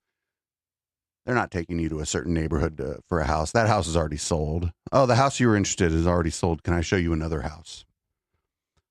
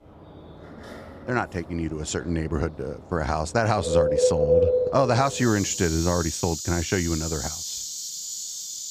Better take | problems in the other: first | animal sounds; loud; throughout; 1 dB below the speech

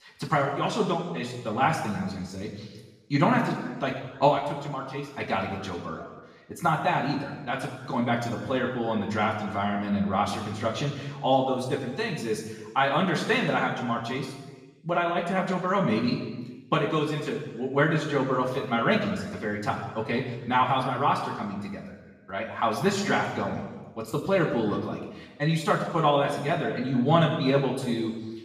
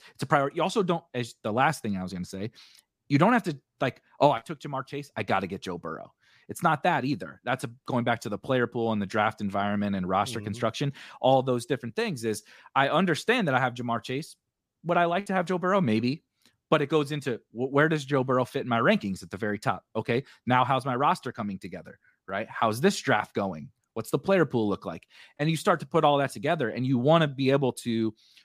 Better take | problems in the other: second | room echo; noticeable; dies away in 1.2 s // off-mic speech; far

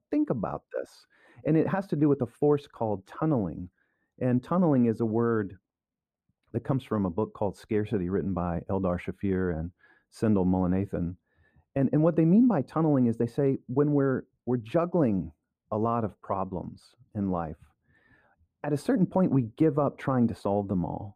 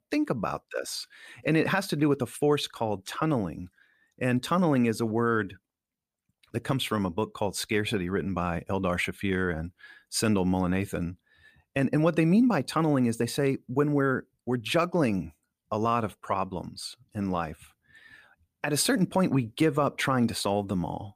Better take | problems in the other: second | muffled; very; fading above 1.5 kHz

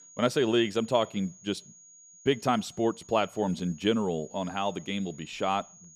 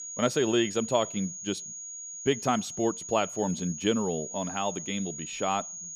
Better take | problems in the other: first | high-pitched whine; loud; throughout; 6.5 kHz, 8 dB below the speech; faint in the first

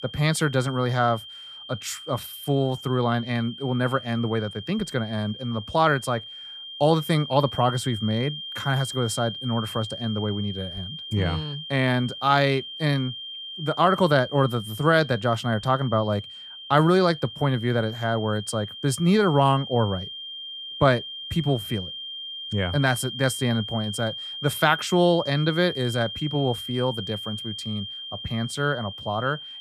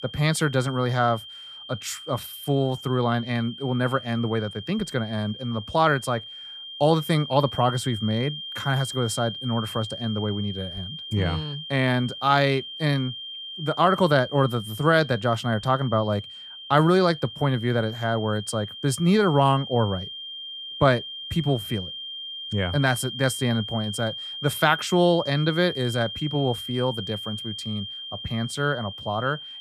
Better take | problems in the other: neither | high-pitched whine; loud; throughout; 3 kHz, 10 dB below the speech; the same in both

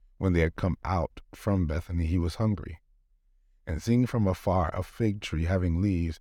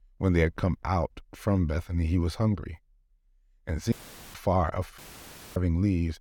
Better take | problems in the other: first | audio cutting out; filled with static; at 4 s and at 5 s for 0.5 s

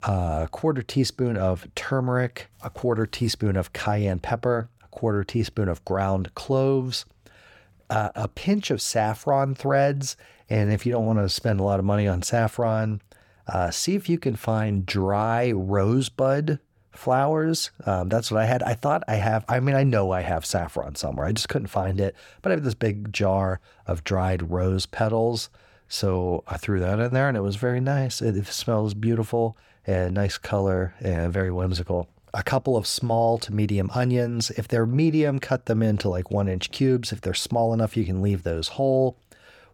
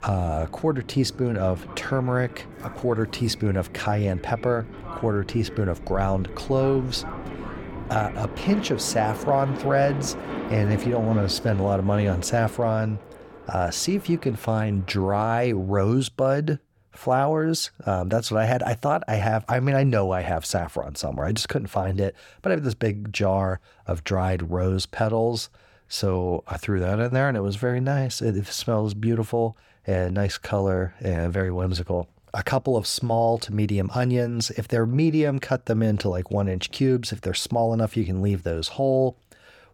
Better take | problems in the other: first | train or aircraft noise; noticeable; until 15 s; 10 dB below the speech

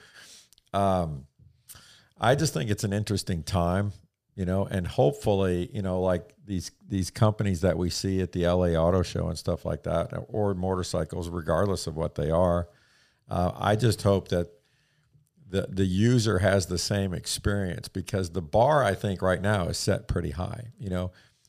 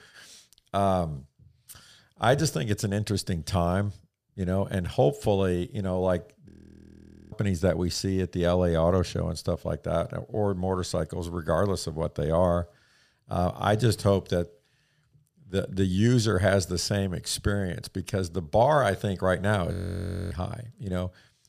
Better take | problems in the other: first | audio freezing; at 6.5 s for 1 s and at 20 s for 0.5 s

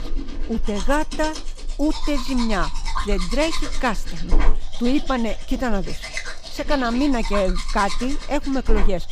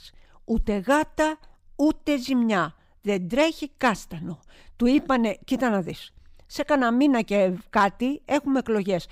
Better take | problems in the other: second | household noises; loud; throughout; 6 dB below the speech

